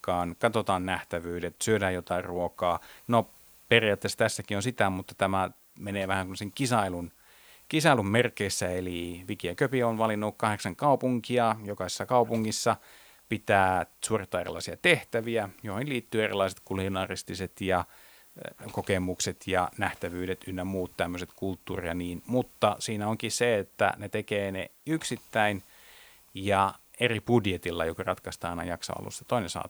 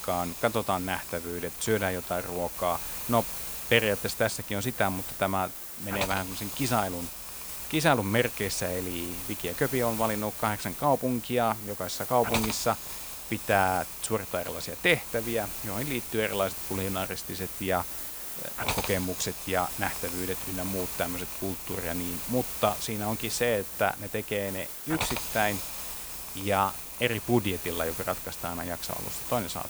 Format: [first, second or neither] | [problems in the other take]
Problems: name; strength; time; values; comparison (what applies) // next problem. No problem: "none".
first | hiss; loud; throughout; 4 dB below the speech; faint in the first